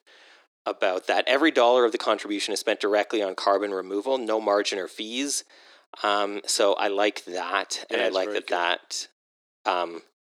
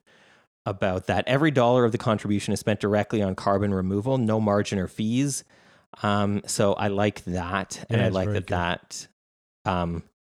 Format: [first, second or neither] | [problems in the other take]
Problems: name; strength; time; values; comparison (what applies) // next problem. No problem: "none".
second | thin; very; fading below 300 Hz